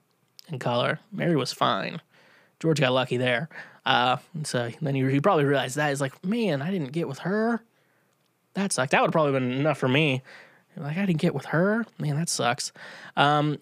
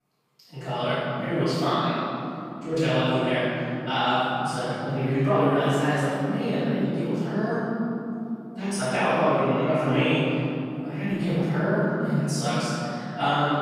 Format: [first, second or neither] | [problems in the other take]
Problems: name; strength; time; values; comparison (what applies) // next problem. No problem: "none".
first | off-mic speech; far // room echo; strong; dies away in 3 s